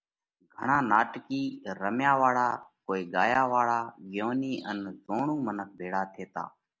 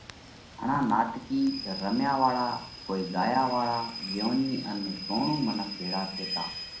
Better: first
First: none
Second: background sound (Rain / Train); 10 dB below the speech // room echo; dies away in 0.6 s

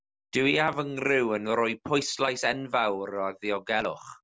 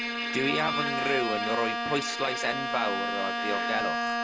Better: first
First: none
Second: background sound (Bowed string instrument); 1 dB above the speech

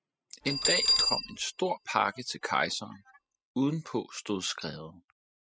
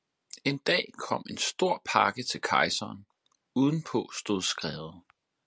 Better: second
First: noise reduction (classical method spectral subtraction)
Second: none

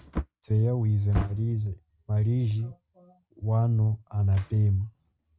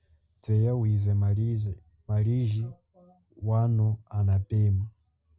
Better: second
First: noise reduction (neural mask model RNNoise)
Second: none

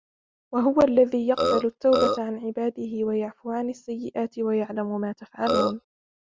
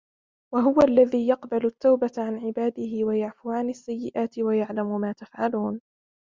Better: second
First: background sound (Burping, eructation); as loud as the speech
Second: none

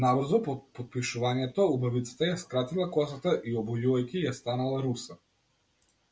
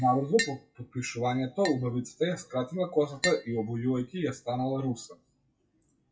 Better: first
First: none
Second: noise reduction (classical method WPE with log-MMSE)

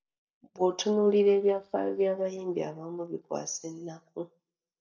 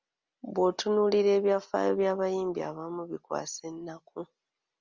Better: second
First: noise reduction (neural mask model DeepFilterNet 3)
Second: none

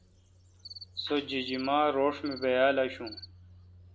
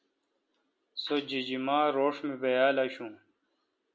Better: second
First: background sound (Cricket); 19 dB below the speech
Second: none

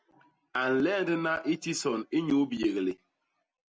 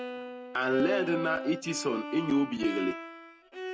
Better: first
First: none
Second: background sound (Bowed string instrument); 6 dB below the speech

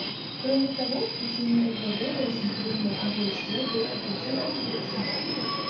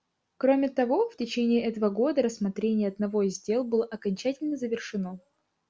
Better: second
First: background sound (Subway, metro, underground); 2 dB below the speech // room echo; dies away in 0.6 s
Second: none

